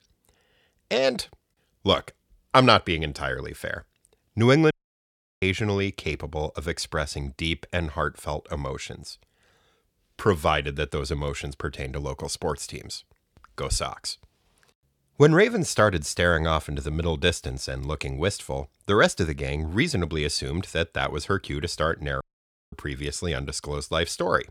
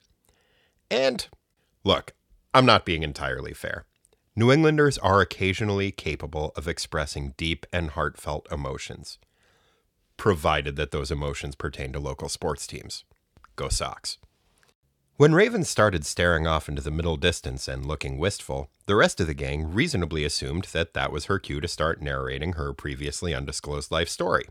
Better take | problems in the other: second | audio cutting out; at 4.5 s for 0.5 s and at 22 s for 0.5 s

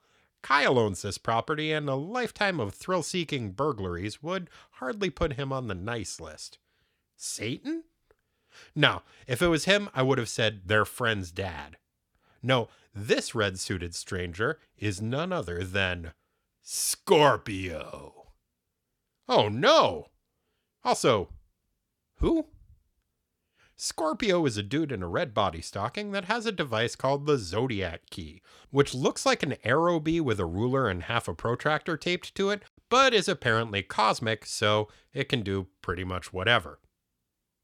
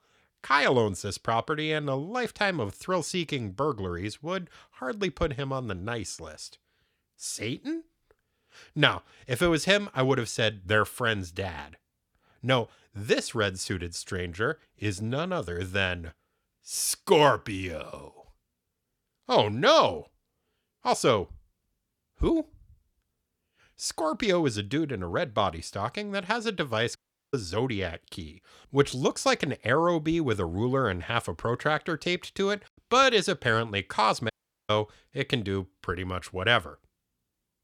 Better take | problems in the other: first | audio cutting out; at 27 s and at 34 s

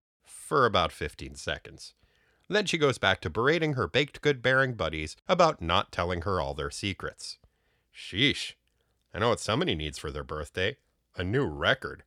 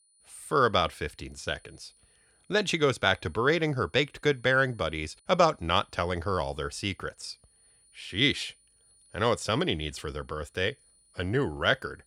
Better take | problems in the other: first | high-pitched whine; faint; throughout; 9.5 kHz, 30 dB below the speech

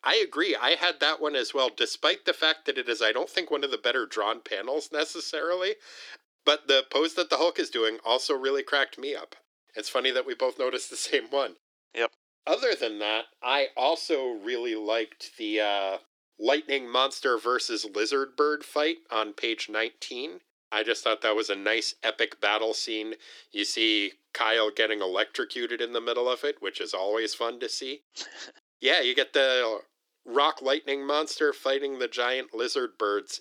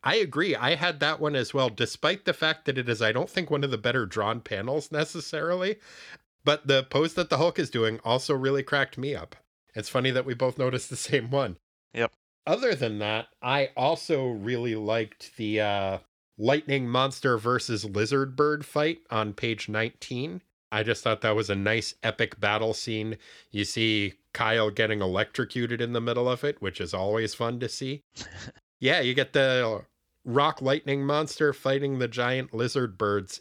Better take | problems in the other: second | thin; somewhat; fading below 300 Hz

